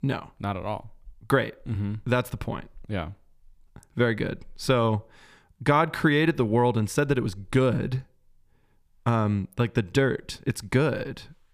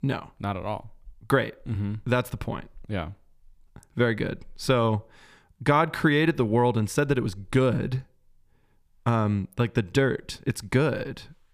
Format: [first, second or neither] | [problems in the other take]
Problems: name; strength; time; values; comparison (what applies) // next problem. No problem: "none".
neither | none